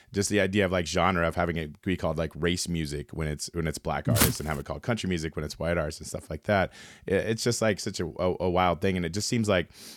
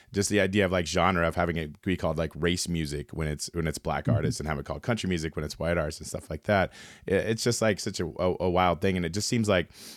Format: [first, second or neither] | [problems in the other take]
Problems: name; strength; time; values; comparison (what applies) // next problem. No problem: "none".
second | footsteps; loud; at 4 s; peak 3 dB above the speech